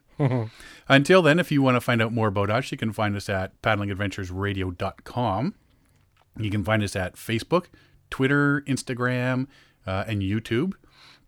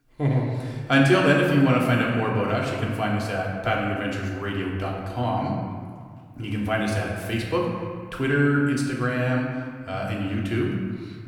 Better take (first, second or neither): first